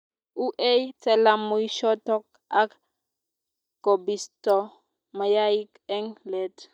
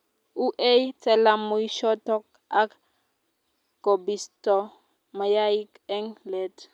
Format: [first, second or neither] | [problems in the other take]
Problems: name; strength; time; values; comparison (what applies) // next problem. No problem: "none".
second | noise reduction (neural mask model DeepFilterNet 3)